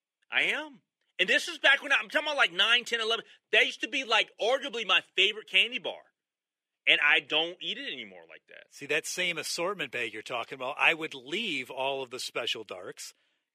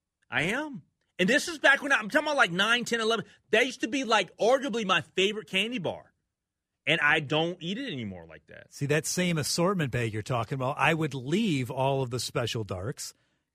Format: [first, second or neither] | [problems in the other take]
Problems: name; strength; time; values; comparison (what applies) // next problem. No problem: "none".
second | thin; somewhat; fading below 400 Hz